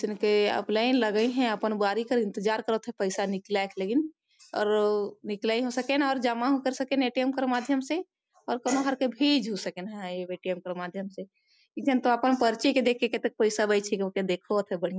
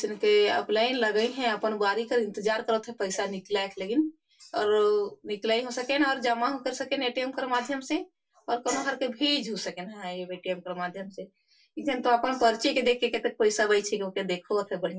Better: first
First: none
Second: room echo; dies away in 0.2 s

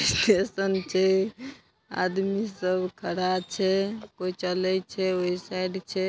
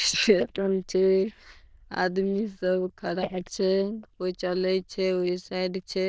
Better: first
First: none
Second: noise reduction (neural diffusion model UNIVERSE++)

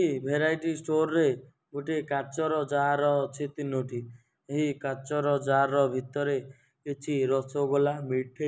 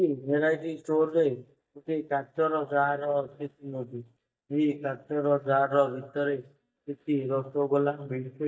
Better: first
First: none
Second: noise reduction (neural mask model DeepFilterNet 3)

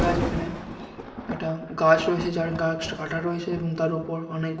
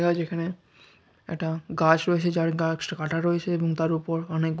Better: second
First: background sound (Thunder); 7 dB below the speech // room echo; dies away in 0.8 s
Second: none

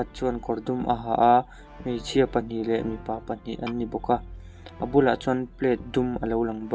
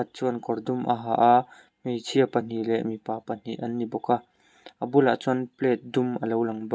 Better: second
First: background sound (Brass instrument + Tap / Glass); 16 dB below the speech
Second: none

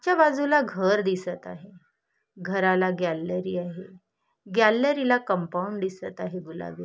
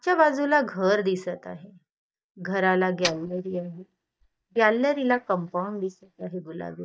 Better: first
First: none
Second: noise reduction (neural mask model DeepFilterNet 3)

